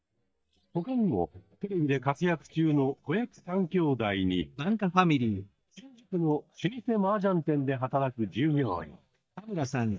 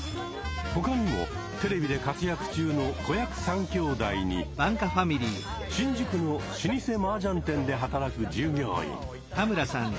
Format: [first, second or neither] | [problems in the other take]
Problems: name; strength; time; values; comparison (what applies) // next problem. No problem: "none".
second | noise reduction (neural mask model DeepFilterNet 3)